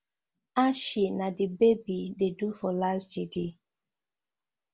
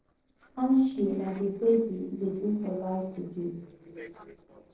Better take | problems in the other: first | noise reduction (neural separator model SepFormer DNS4)

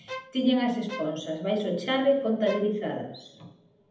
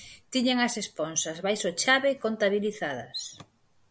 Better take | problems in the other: second | background sound (Bowed string instrument); 15 dB below the speech // room echo; dies away in 0.8 s

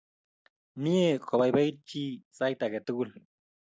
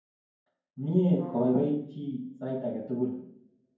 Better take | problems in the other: first | background sound (Brass instrument); 17 dB below the speech // room echo; dies away in 0.9 s

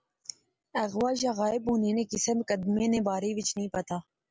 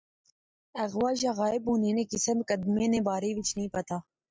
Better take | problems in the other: first | noise reduction (neural mask model DeepFilterNet 3)

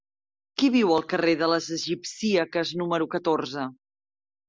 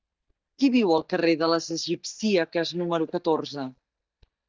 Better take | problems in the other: first | noise reduction (neural mask model DeepFilterNet 3)

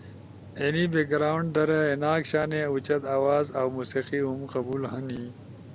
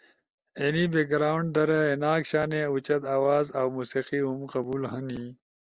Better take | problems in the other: second | background sound (Cricket); 18 dB below the speech

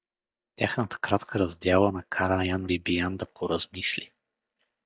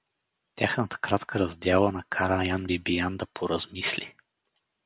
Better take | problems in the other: second | noise reduction (neural mask model DeepFilterNet 3)

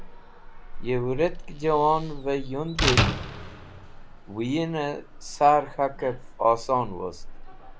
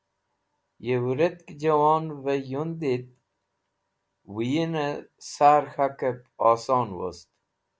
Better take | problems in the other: second | background sound (Slam); 5 dB below the speech

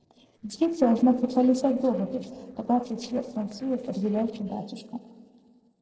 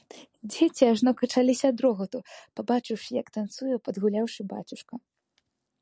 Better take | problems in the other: second | noise reduction (neural separator model SepFormer DNS4)

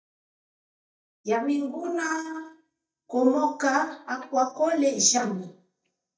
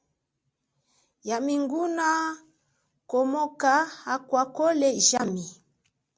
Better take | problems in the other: second | noise reduction (neural mask model DeepFilterNet 3)

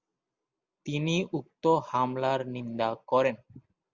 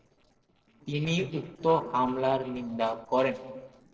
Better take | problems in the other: first | noise reduction (neural separator model SepFormer DNS4)

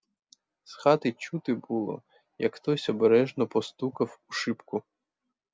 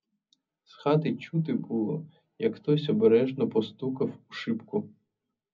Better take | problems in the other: first | room echo; dies away in 0.4 s

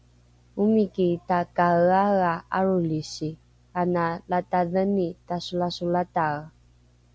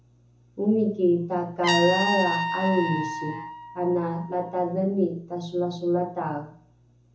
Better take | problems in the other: first | background sound (Trumpet); 7 dB below the speech // room echo; dies away in 0.6 s

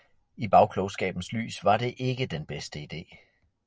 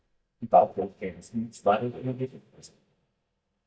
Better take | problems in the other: first | noise reduction (neural mask model DeepFilterNet 3)

